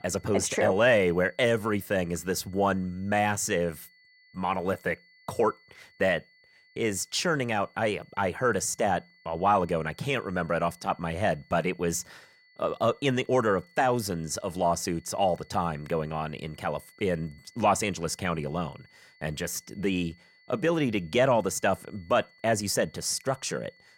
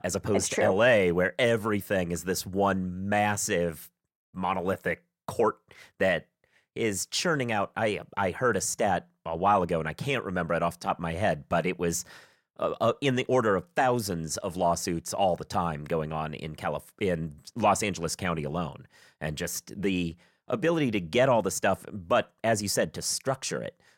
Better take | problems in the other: second | high-pitched whine; faint; throughout; 2 kHz, 30 dB below the speech

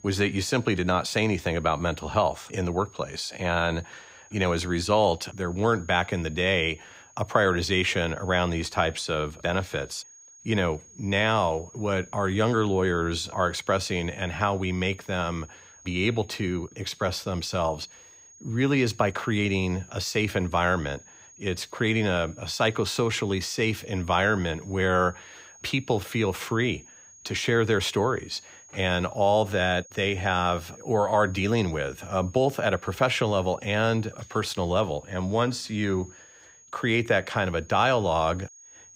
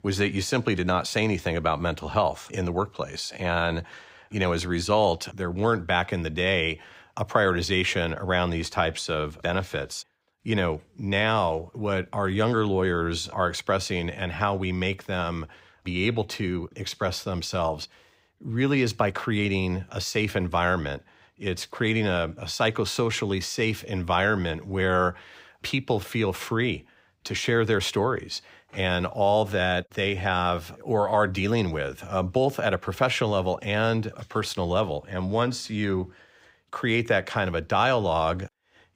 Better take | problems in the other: second | high-pitched whine; faint; throughout; 6.5 kHz, 25 dB below the speech

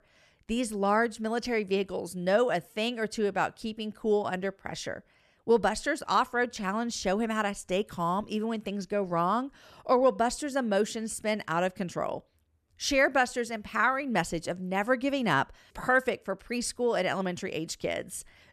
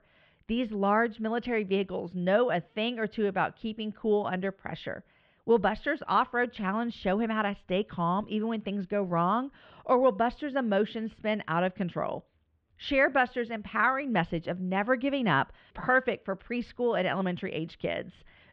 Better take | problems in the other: first | muffled; very; fading above 3.5 kHz

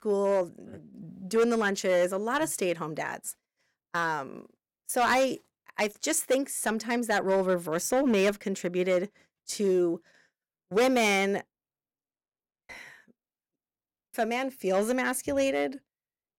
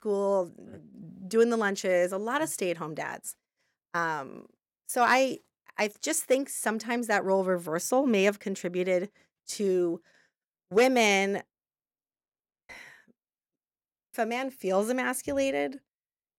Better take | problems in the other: second | distortion; slight; 3% of the sound clipped

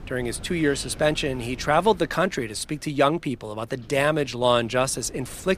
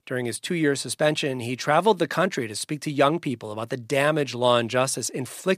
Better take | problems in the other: second | wind noise on the microphone; occasional gusts; 25 dB below the speech

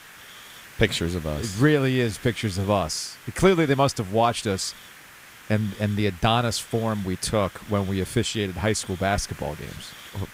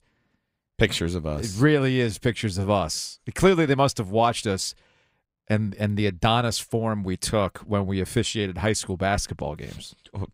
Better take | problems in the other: second | hiss; noticeable; throughout; 20 dB below the speech

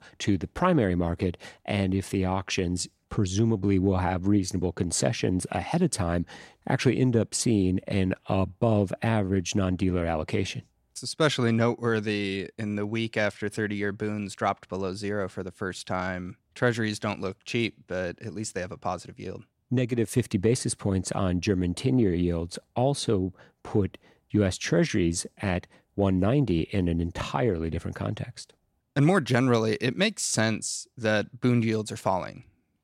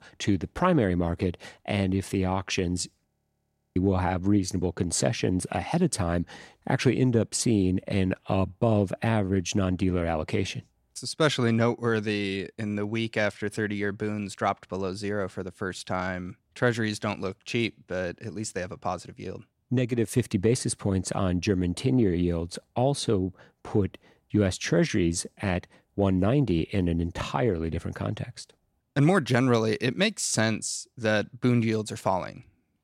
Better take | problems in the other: first | audio freezing; at 3 s for 0.5 s

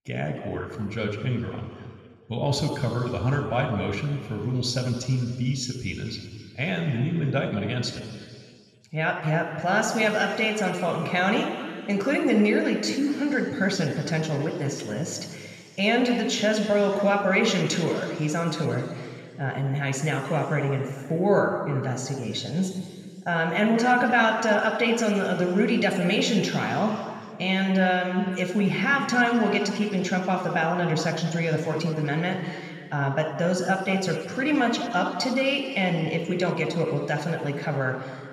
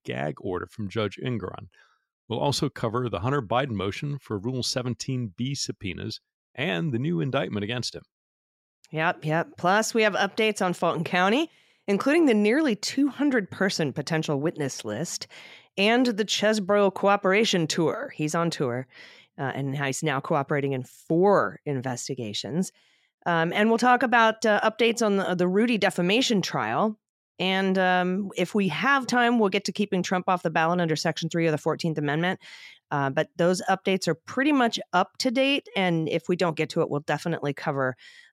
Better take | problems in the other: second | room echo; noticeable; dies away in 2.2 s // off-mic speech; somewhat distant

